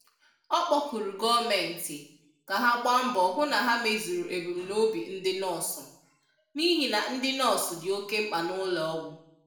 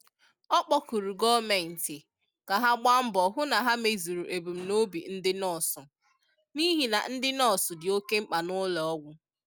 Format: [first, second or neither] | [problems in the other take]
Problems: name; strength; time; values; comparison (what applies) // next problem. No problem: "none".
second | room echo; dies away in 0.7 s